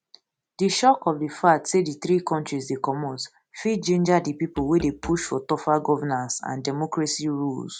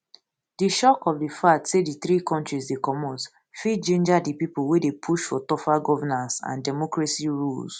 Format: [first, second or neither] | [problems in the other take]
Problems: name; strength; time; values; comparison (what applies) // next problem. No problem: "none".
second | background sound (Musical instrument); 17 dB below the speech